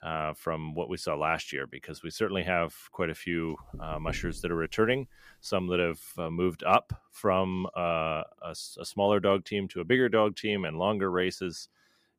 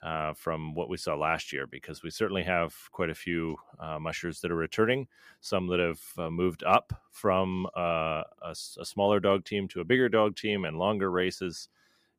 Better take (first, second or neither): second